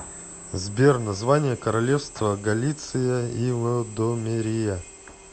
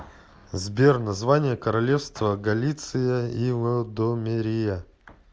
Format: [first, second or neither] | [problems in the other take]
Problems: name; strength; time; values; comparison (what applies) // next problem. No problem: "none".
second | background sound (Drill); 15 dB below the speech